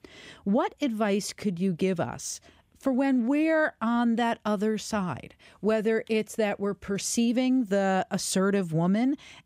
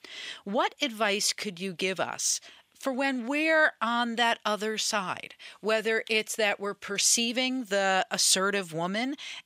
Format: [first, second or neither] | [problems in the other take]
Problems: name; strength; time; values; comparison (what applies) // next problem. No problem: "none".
first | thin; somewhat; fading below 1 kHz